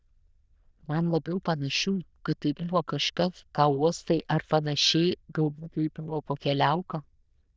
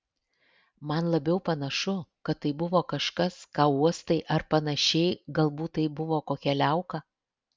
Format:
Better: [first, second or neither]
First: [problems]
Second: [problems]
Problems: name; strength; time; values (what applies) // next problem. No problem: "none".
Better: second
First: noise reduction (neural diffusion model UNIVERSE++)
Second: none